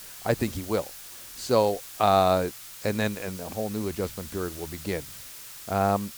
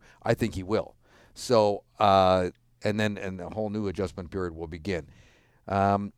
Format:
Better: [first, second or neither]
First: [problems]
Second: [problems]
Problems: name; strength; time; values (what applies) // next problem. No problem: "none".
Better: second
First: hiss; noticeable; throughout; 10 dB below the speech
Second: none